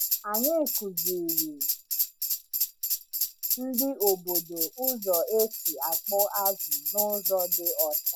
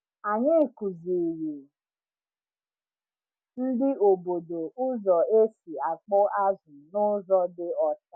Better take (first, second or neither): second